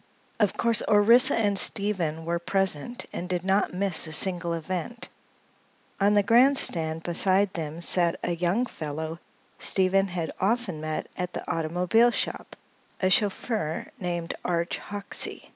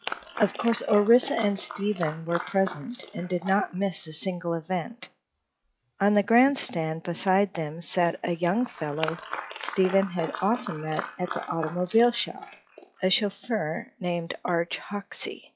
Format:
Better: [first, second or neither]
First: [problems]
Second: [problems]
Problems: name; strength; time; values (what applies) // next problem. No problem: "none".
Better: first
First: none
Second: noise reduction (classical method log-MMSE)